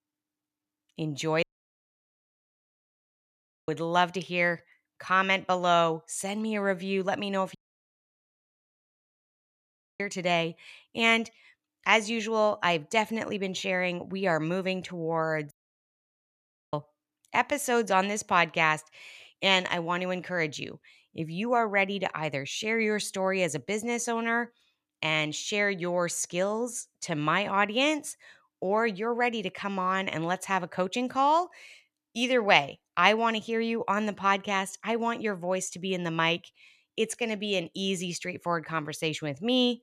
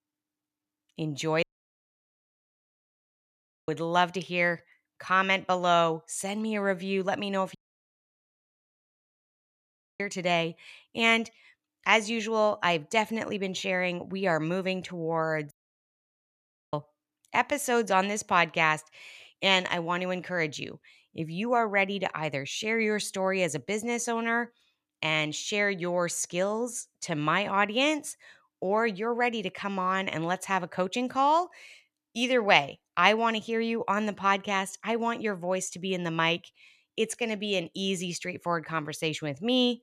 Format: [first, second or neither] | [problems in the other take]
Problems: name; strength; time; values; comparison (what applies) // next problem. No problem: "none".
neither | audio cutting out; at 1.5 s for 2.5 s, at 7.5 s for 2.5 s and at 16 s for 1 s; the same in both